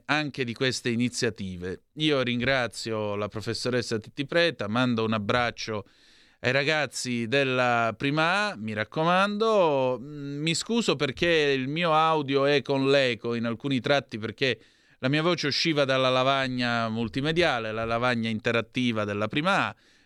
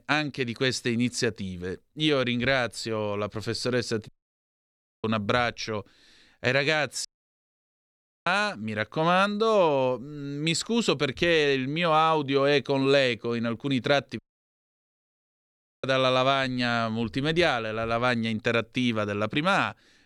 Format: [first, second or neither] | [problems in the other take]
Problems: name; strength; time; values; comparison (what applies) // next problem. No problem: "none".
first | audio cutting out; at 4 s for 1 s, at 7 s for 1 s and at 14 s for 1.5 s